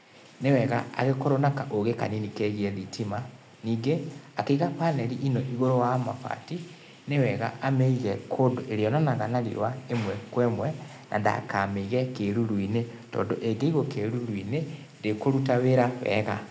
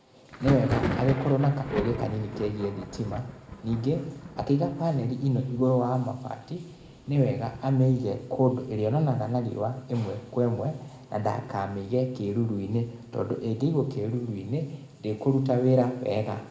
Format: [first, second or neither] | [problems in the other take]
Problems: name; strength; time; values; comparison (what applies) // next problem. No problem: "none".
first | background sound (Thunder); 13 dB below the speech // room echo; dies away in 0.7 s